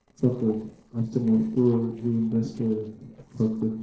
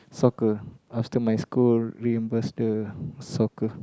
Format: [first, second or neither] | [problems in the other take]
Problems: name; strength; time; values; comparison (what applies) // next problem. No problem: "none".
second | noise reduction (neural separator model SepFormer DNS4)